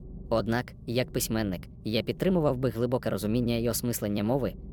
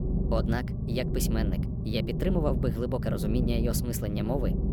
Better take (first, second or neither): first